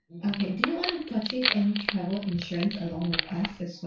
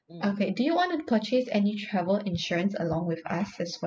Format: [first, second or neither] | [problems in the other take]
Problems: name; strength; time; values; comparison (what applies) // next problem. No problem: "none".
second | background sound (Wood); 4 dB below the speech // room echo; dies away in 0.2 s